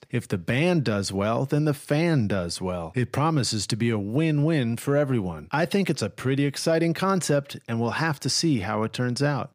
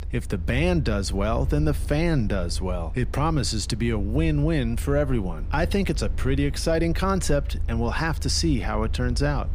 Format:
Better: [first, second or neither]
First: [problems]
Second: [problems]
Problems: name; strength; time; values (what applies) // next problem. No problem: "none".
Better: first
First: none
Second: low rumble; faint; throughout; 20 dB below the speech